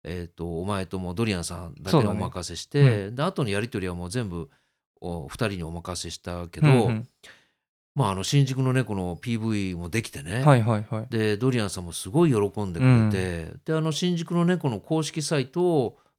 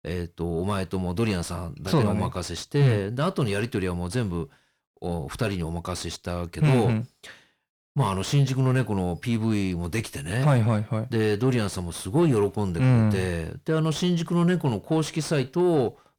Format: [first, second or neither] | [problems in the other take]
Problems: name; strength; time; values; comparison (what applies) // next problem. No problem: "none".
first | distortion; slight; 10 dB below the speech